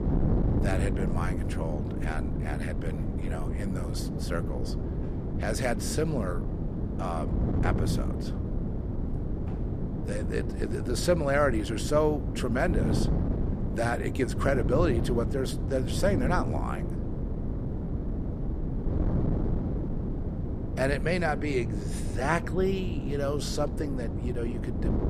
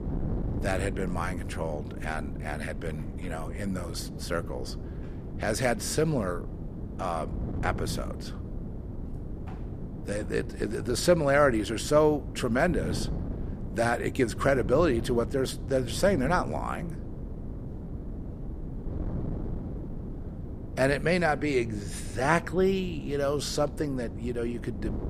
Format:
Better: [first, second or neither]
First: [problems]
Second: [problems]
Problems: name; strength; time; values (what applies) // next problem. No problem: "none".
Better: second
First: wind noise on the microphone; heavy; 8 dB below the speech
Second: wind noise on the microphone; occasional gusts; 15 dB below the speech